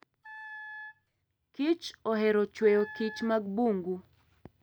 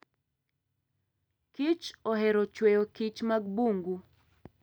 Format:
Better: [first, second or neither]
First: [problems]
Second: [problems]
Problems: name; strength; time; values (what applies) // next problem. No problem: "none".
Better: second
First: background sound (Wind instrument, woodwind instrument); 15 dB below the speech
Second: none